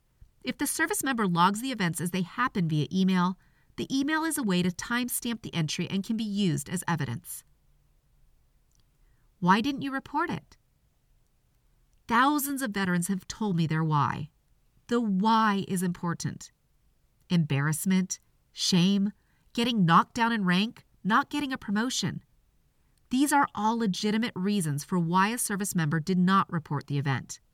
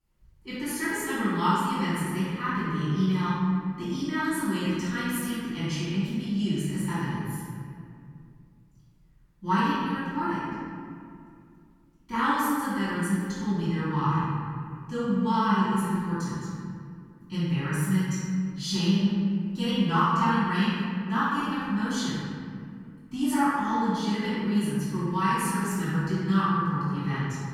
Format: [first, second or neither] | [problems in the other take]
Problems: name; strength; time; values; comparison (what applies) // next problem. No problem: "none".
first | room echo; strong; dies away in 2.3 s // off-mic speech; far